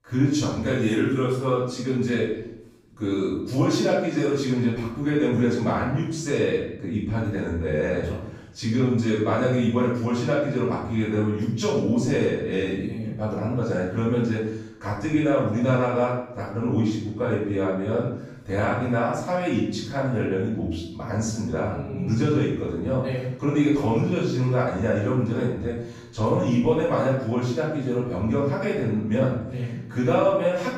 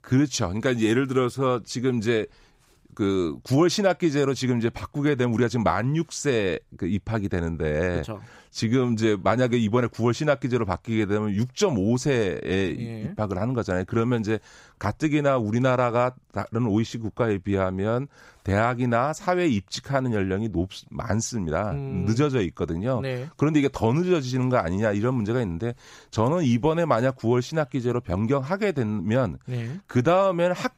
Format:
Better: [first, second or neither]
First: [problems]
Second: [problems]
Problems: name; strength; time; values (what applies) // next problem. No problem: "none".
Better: second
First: off-mic speech; far // room echo; noticeable; dies away in 0.7 s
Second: none